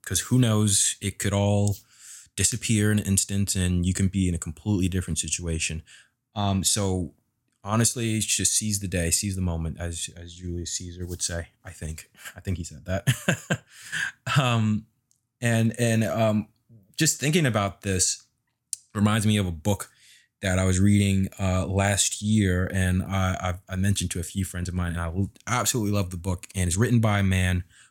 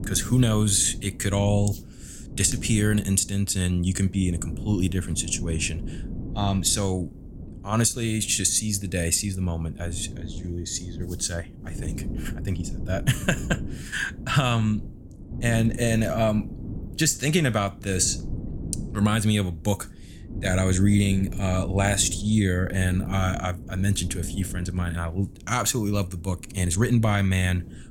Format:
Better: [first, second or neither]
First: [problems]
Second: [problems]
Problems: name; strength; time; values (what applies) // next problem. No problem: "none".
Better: first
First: none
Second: wind noise on the microphone; occasional gusts; 15 dB below the speech